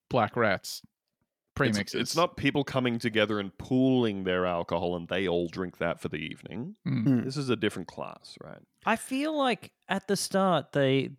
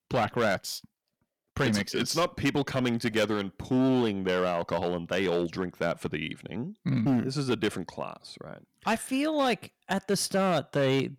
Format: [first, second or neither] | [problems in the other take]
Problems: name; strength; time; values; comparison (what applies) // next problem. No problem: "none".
first | distortion; slight; 6% of the sound clipped